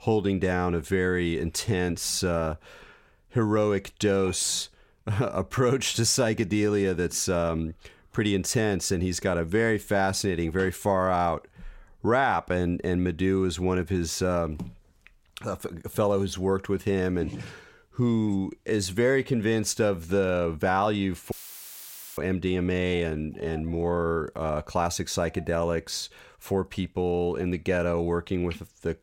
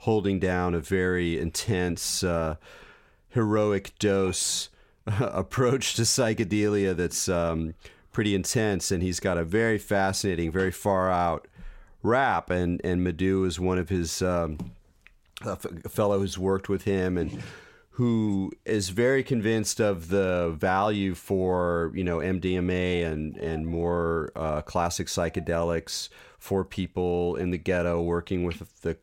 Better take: second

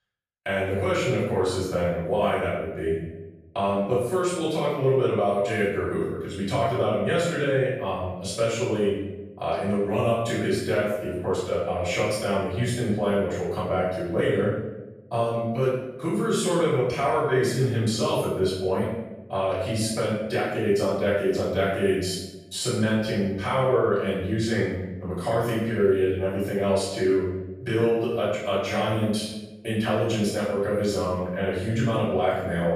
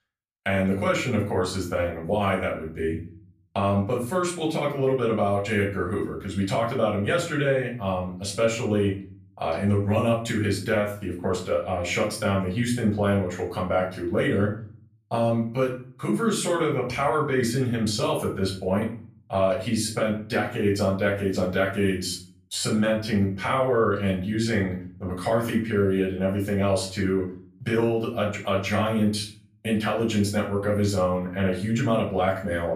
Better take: second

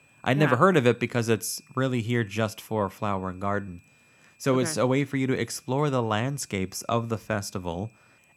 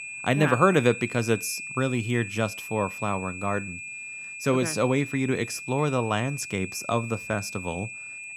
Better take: first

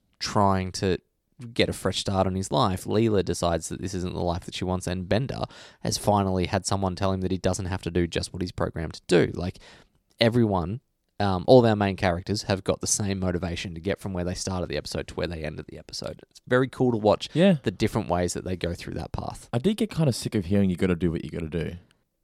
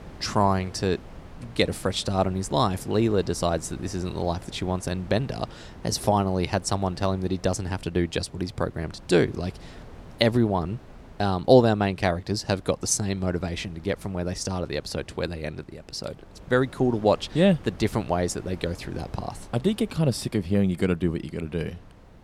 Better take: first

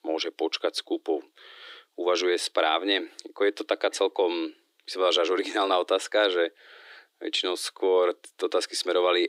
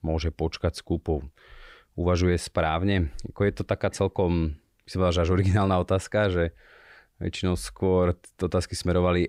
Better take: second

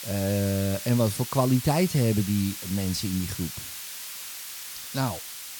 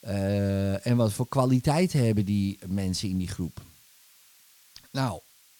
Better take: second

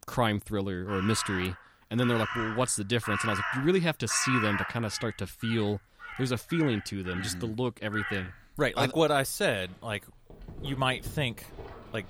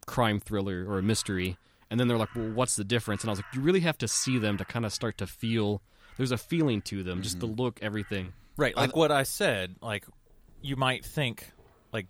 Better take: second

